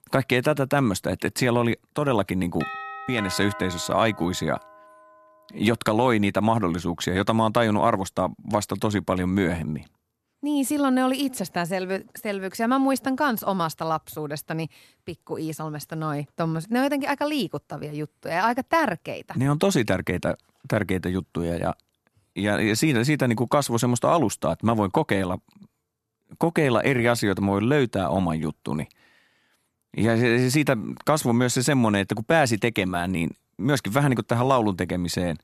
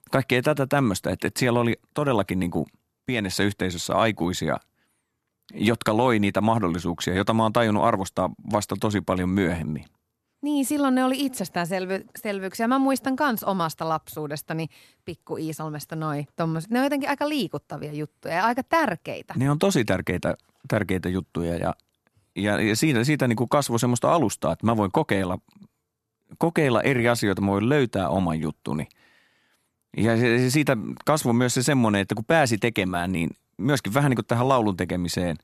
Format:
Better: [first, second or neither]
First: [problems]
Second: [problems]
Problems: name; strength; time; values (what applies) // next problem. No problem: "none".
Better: second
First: doorbell; noticeable; from 2.5 to 5 s; peak 9 dB below the speech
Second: none